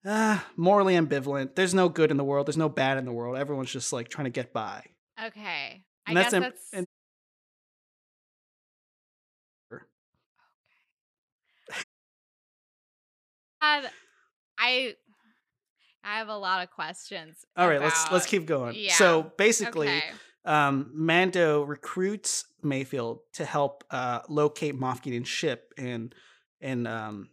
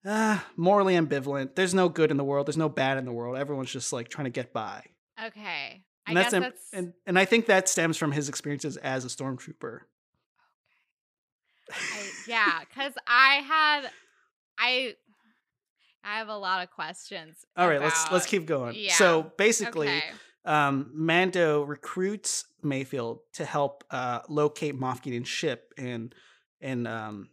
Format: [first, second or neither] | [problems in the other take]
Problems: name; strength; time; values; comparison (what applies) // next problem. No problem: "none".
second | audio cutting out; at 7 s for 3 s and at 12 s for 2 s